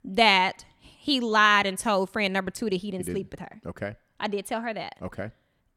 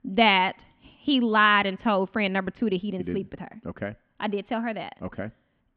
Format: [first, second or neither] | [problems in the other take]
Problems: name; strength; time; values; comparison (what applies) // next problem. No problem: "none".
first | muffled; very; fading above 3 kHz